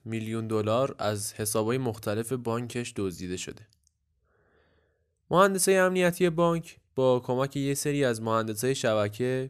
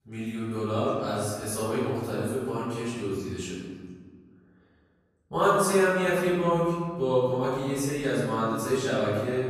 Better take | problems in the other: first | off-mic speech; far // room echo; strong; dies away in 1.6 s

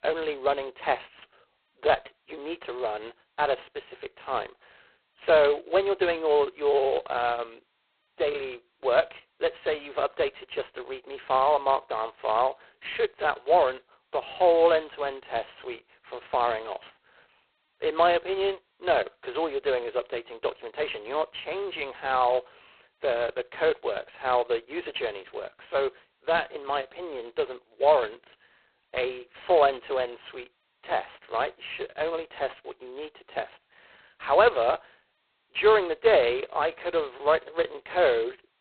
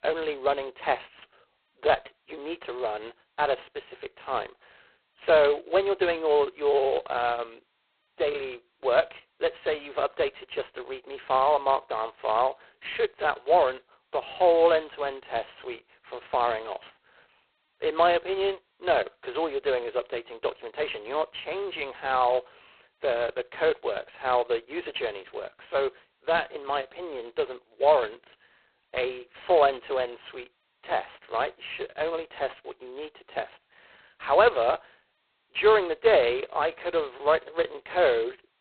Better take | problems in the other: neither | phone-call audio; poor line; nothing above 4 kHz; the same in both

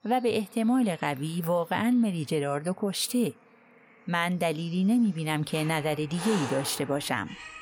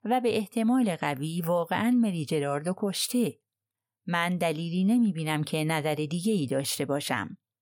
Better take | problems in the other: second | animal sounds; noticeable; throughout; 15 dB below the speech

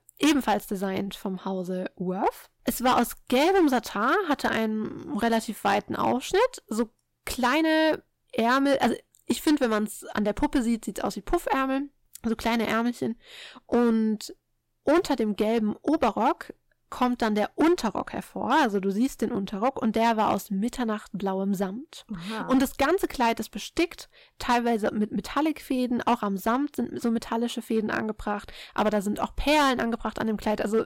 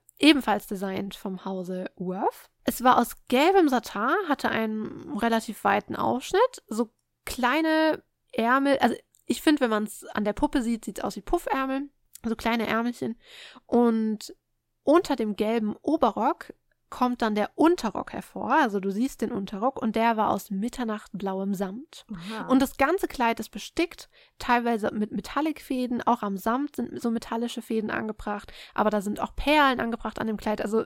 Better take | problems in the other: second | distortion; slight; 4% of the sound clipped

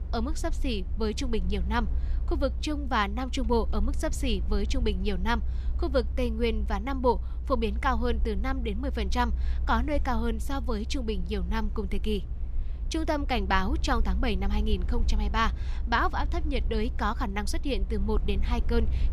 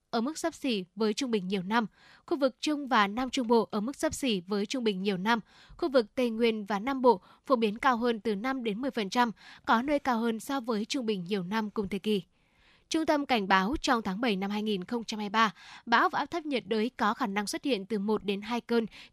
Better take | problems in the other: second | low rumble; faint; throughout; 20 dB below the speech

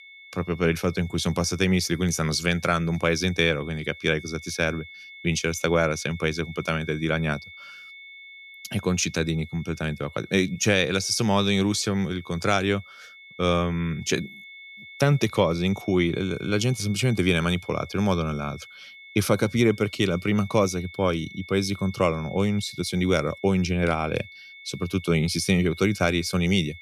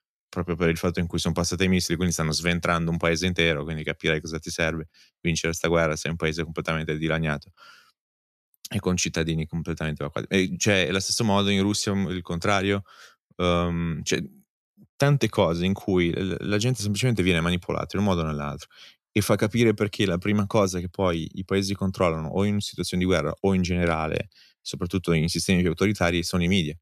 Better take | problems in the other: second | high-pitched whine; noticeable; throughout; 2 kHz, 20 dB below the speech

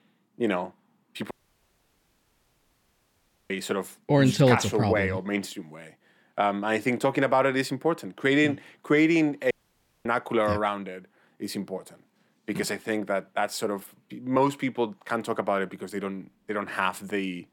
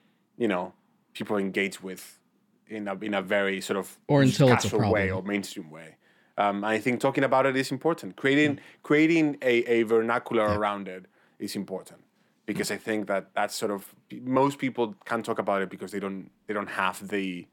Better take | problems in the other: second | audio cutting out; at 1.5 s for 2 s and at 9.5 s for 0.5 s

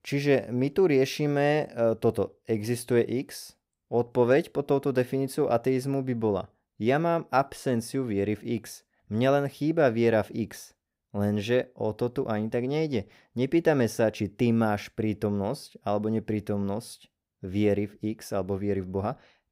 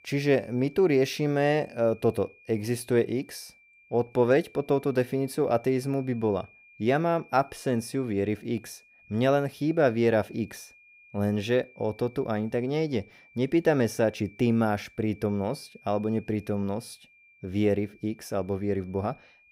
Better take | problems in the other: first | high-pitched whine; faint; throughout; 2.5 kHz, 25 dB below the speech

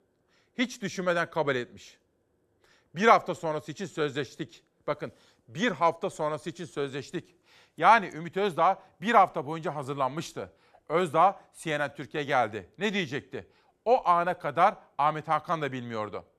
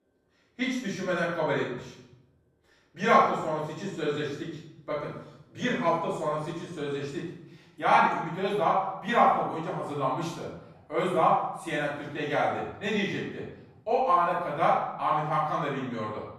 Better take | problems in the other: first | off-mic speech; far // room echo; noticeable; dies away in 0.7 s

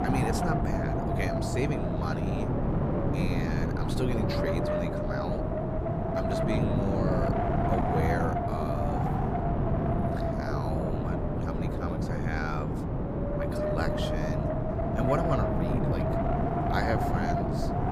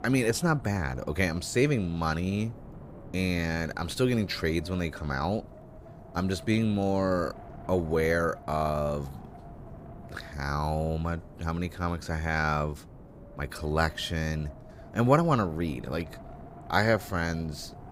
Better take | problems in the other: second | wind noise on the microphone; heavy; 4 dB above the speech; occasional gusts in the second

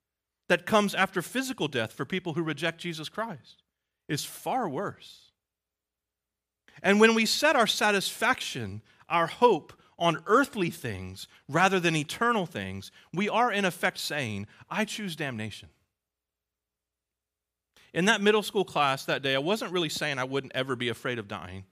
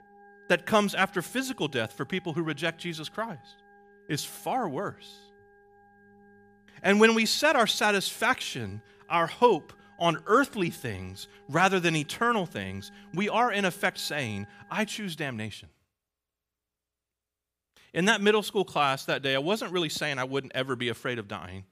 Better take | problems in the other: first | background music; faint; throughout; 30 dB below the speech

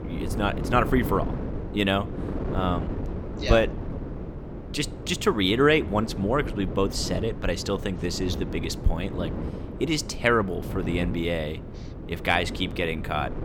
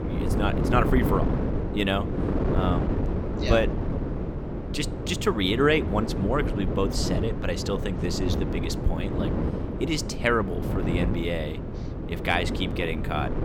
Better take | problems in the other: first | wind noise on the microphone; heavy; 6 dB below the speech; occasional gusts in the first

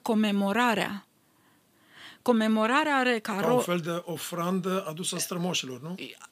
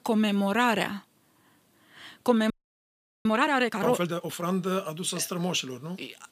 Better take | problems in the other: first | audio freezing; at 2.5 s for 1 s

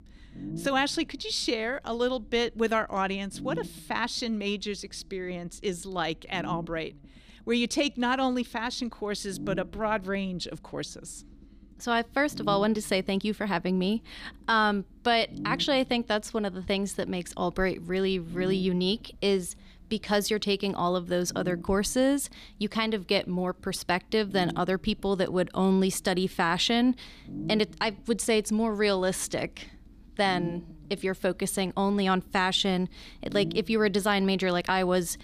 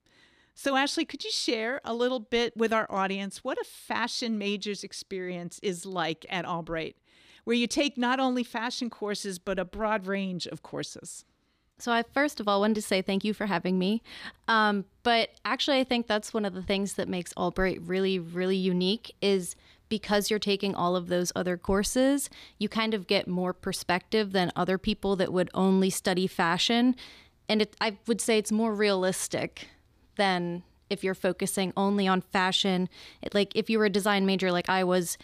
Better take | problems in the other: second | low rumble; noticeable; throughout; 20 dB below the speech

